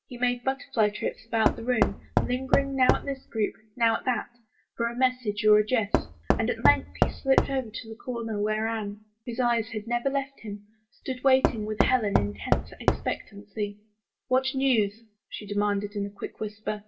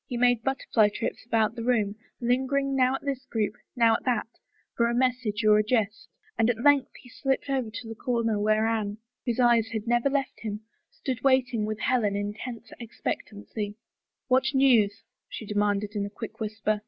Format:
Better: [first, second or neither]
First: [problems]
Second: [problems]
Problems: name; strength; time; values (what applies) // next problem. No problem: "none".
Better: second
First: background sound (Knock / Wood); as loud as the speech // room echo; dies away in 0.2 s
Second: none